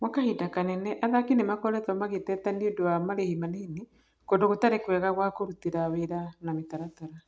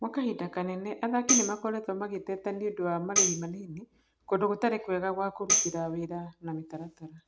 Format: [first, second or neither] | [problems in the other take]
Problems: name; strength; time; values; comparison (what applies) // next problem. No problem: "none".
first | background sound (Tambourine); as loud as the speech